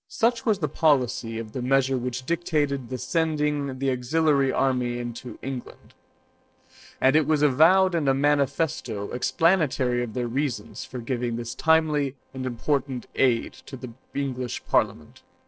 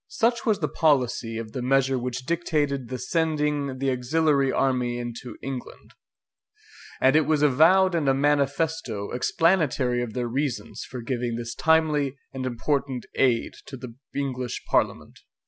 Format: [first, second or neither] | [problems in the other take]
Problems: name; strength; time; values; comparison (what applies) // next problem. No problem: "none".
second | noise reduction (neural separator model SepFormer DNS4)